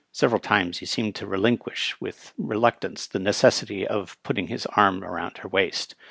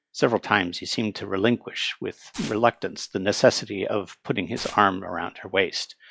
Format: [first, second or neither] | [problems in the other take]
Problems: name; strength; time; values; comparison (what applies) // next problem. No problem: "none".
first | noise reduction (classical method log-MMSE)